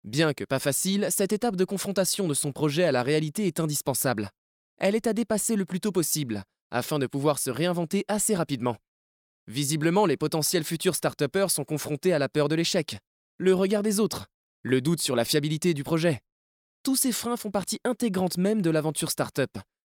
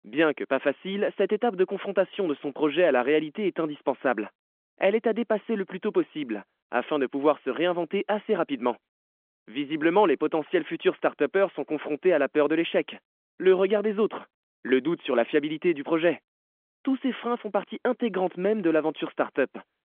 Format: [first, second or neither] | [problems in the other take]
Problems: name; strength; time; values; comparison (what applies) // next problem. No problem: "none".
first | phone-call audio; nothing above 3.5 kHz